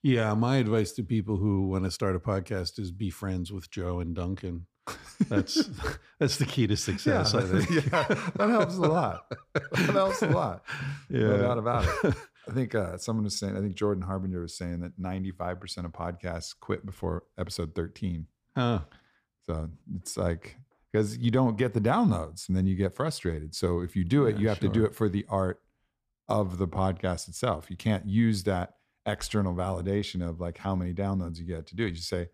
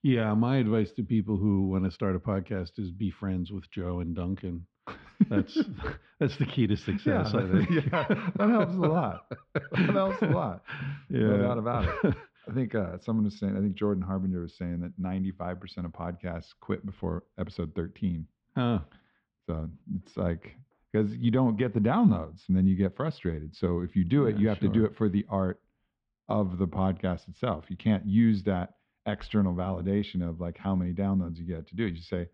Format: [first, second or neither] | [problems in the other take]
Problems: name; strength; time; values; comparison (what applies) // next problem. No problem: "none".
first | muffled; slightly; fading above 3.5 kHz